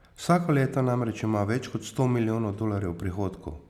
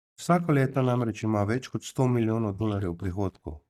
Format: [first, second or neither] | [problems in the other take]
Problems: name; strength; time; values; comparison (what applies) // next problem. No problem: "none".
first | noise reduction (neural mask model DeepFilterNet 3)